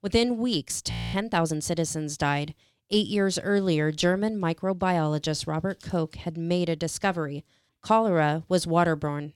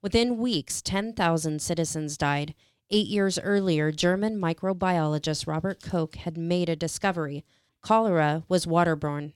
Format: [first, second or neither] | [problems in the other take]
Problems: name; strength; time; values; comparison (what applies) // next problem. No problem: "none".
second | audio freezing; at 1 s